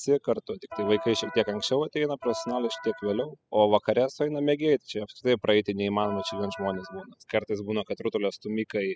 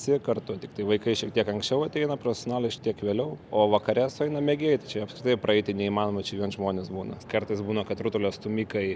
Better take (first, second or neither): second